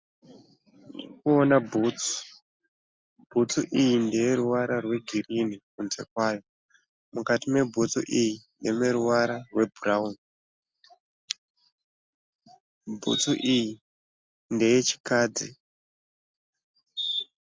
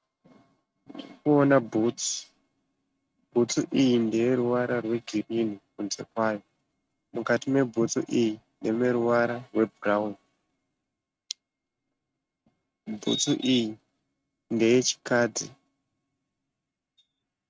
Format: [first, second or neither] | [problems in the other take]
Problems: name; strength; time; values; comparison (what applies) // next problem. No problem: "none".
first | noise reduction (neural mask model RNNoise)